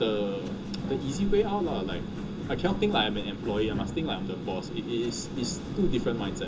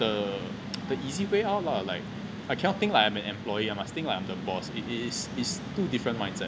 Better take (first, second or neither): second